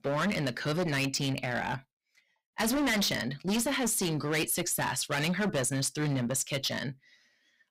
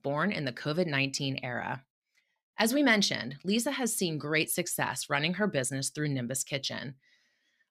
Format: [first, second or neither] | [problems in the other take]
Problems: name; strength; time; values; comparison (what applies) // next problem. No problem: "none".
second | distortion; heavy; 18% of the sound clipped